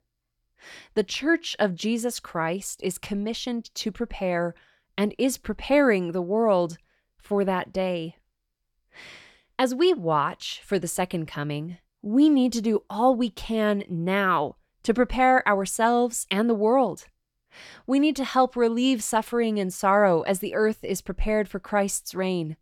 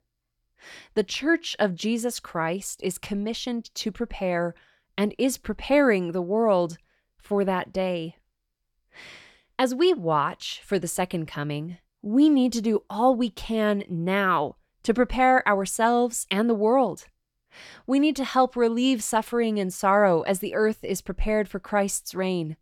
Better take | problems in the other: neither | none

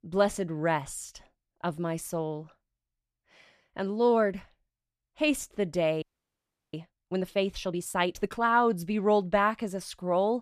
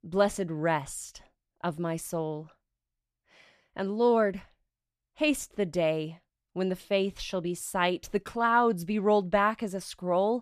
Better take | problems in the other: second | audio freezing; at 6 s for 0.5 s

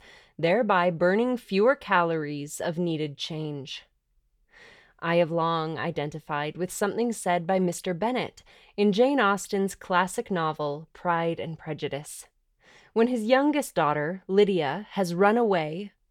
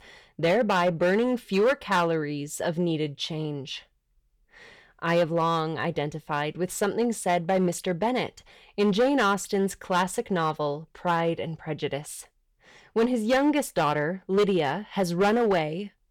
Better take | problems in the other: first | distortion; slight; 5% of the sound clipped

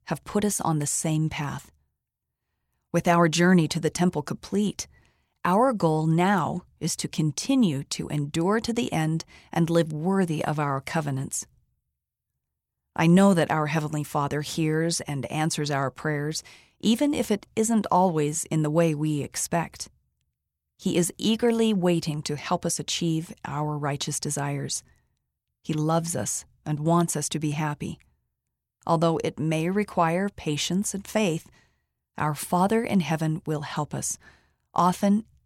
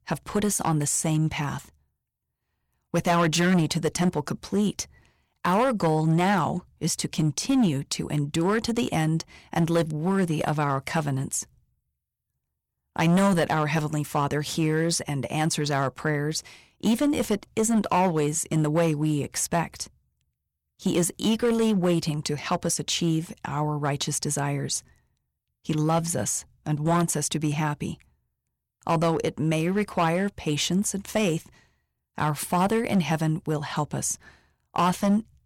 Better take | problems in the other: first | distortion; slight; 6% of the sound clipped

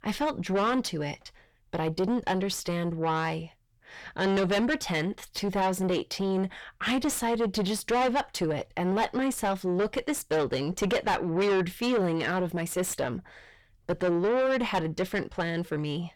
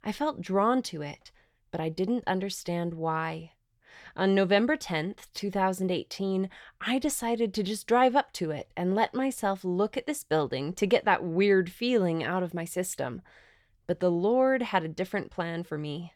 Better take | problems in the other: second | distortion; heavy; 5 dB below the speech

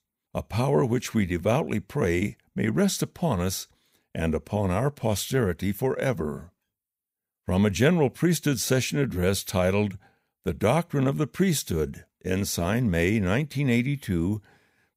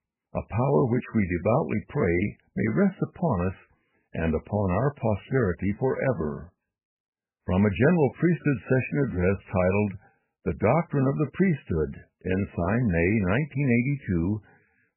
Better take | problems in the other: first | garbled, watery; badly; nothing above 2.5 kHz

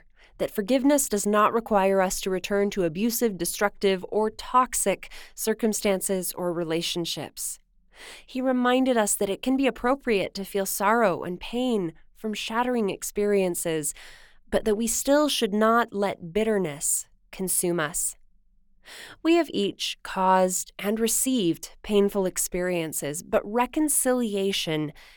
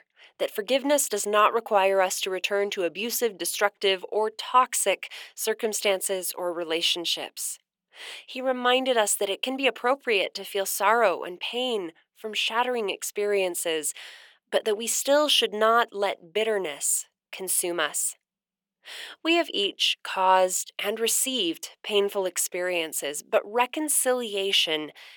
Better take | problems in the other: first | thin; somewhat; fading below 500 Hz

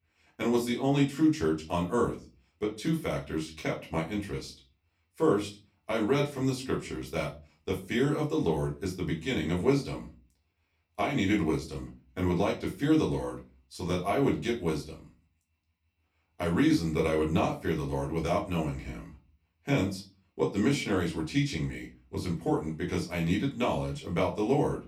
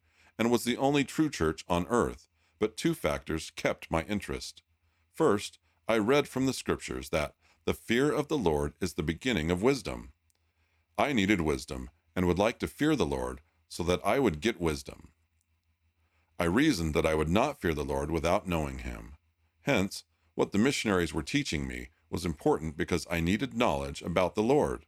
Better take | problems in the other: second | off-mic speech; far // room echo; very slight; dies away in 0.3 s

